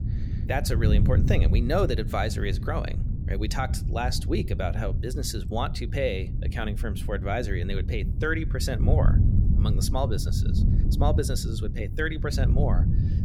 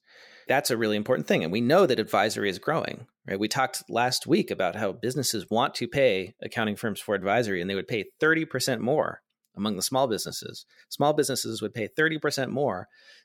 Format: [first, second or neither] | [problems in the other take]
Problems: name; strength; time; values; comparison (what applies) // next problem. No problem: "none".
second | wind noise on the microphone; heavy; 9 dB below the speech